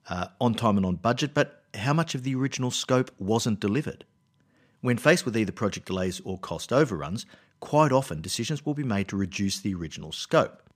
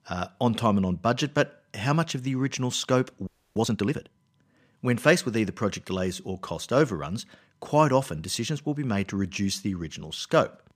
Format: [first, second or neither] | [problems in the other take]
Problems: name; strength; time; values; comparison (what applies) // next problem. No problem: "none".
first | audio freezing; at 3.5 s